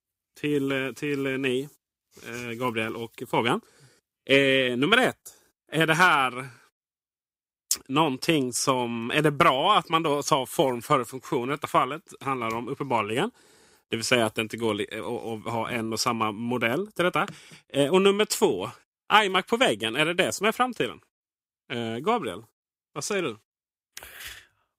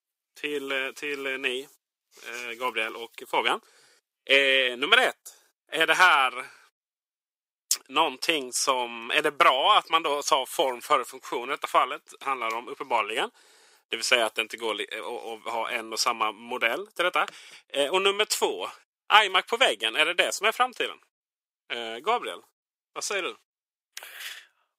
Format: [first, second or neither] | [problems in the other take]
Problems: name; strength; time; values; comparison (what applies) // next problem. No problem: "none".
first | thin; somewhat; fading below 550 Hz